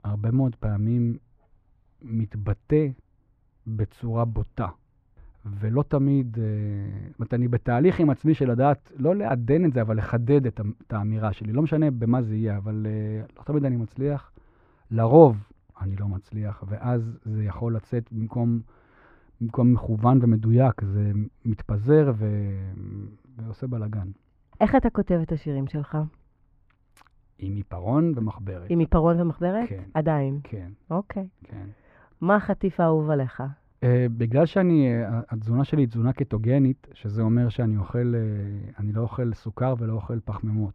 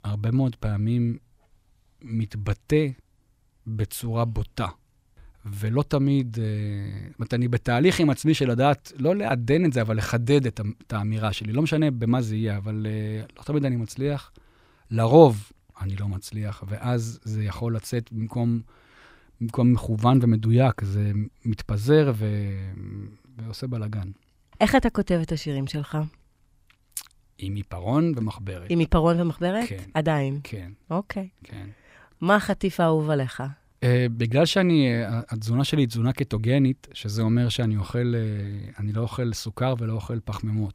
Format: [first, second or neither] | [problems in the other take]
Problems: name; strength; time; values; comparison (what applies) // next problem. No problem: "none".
second | muffled; very; fading above 3 kHz